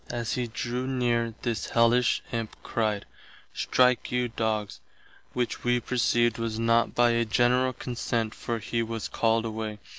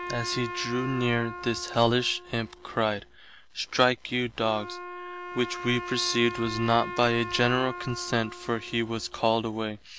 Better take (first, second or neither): first